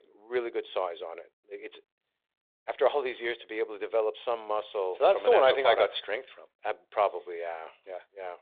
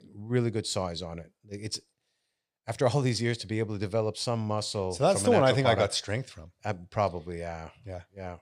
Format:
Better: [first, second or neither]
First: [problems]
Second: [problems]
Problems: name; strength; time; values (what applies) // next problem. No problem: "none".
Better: second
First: phone-call audio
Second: none